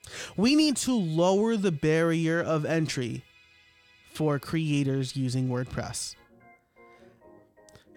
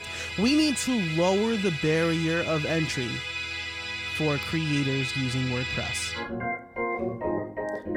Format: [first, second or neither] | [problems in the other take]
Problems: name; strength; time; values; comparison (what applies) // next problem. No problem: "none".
first | background music; loud; throughout; 4 dB below the speech; faint in the first